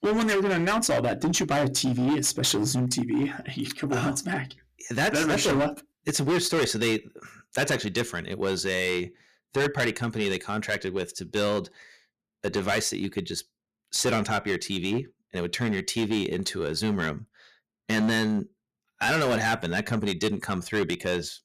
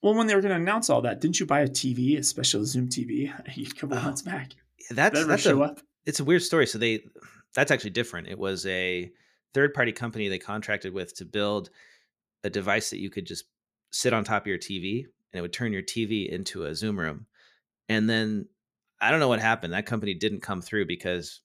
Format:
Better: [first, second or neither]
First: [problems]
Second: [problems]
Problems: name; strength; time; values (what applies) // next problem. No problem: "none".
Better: second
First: distortion; heavy; 12% of the sound clipped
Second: none